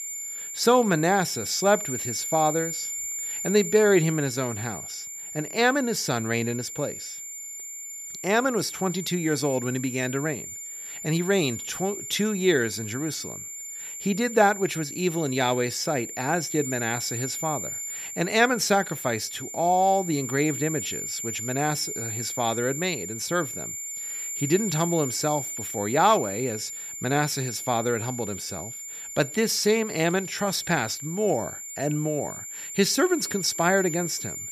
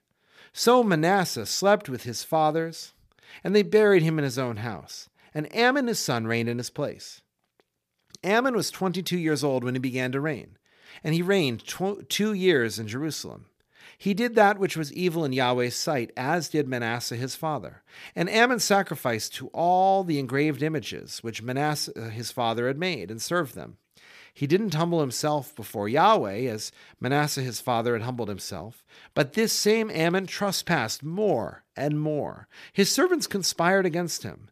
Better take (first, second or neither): second